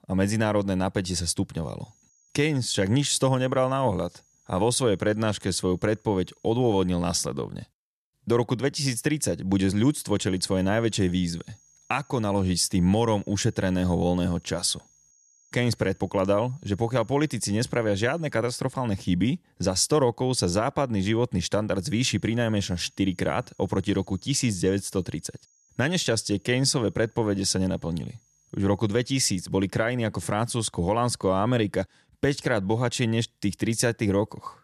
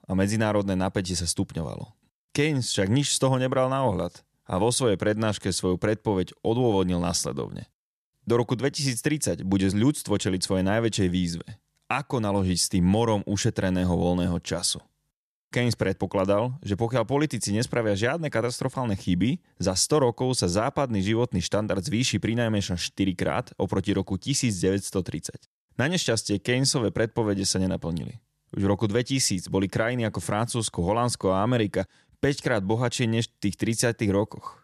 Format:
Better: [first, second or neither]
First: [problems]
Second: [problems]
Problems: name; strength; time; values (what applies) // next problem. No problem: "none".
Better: second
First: high-pitched whine; faint; from 2 to 7 s, from 9.5 to 18 s and from 22 to 29 s; 6.5 kHz, 35 dB below the speech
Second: none